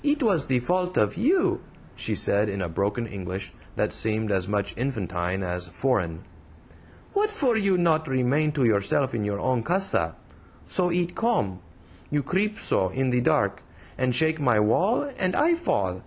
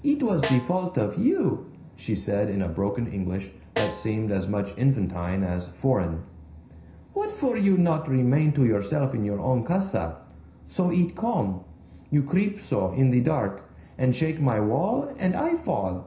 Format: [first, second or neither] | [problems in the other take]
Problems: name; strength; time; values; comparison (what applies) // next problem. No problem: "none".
first | background sound (Snare drum); 13 dB below the speech // room echo; dies away in 0.5 s